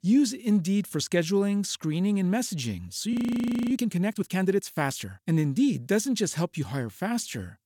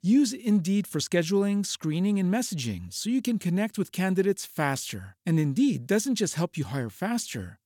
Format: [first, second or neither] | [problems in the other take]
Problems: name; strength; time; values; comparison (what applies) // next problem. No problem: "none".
second | audio freezing; at 3 s for 0.5 s